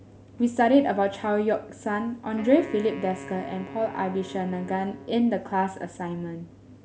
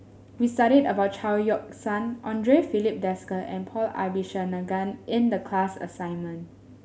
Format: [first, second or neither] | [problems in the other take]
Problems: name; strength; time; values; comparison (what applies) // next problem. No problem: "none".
second | background sound (Wind instrument, woodwind instrument); 16 dB below the speech